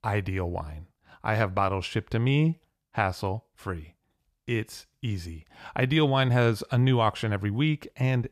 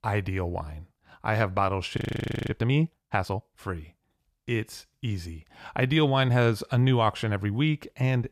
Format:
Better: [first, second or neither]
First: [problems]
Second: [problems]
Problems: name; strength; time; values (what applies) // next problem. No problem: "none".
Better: first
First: none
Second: audio freezing; at 2 s for 0.5 s